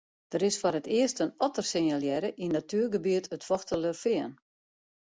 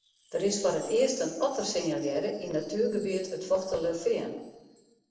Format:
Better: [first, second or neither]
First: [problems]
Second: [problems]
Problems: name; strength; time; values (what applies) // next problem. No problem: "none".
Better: first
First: none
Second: noise reduction (neural separator model SepFormer DNS4)